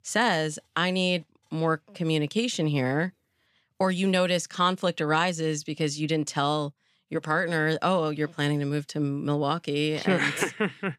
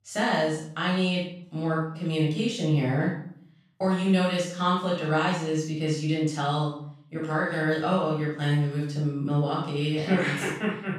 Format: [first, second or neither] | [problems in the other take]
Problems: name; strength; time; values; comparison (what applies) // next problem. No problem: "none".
first | off-mic speech; far // room echo; noticeable; dies away in 0.5 s